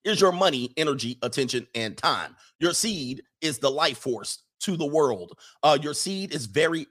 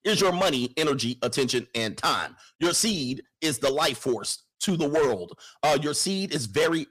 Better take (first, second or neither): first